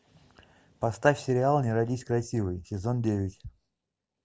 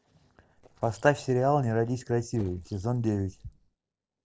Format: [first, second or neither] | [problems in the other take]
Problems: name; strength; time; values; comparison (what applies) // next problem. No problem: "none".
first | noise reduction (neural separator model SepFormer DNS4)